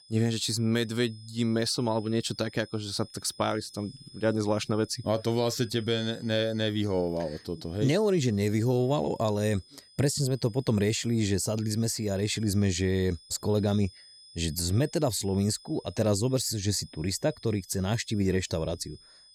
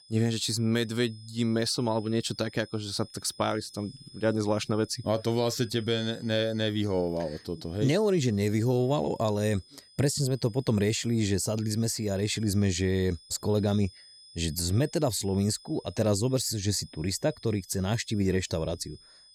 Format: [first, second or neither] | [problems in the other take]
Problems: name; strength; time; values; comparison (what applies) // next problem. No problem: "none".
neither | high-pitched whine; faint; throughout; 5 kHz, 25 dB below the speech; the same in both